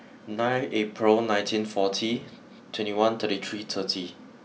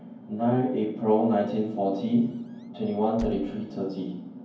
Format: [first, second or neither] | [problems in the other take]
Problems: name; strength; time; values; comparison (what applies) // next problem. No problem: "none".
first | background sound (Squeak / Slam); 19 dB below the speech // room echo; dies away in 0.9 s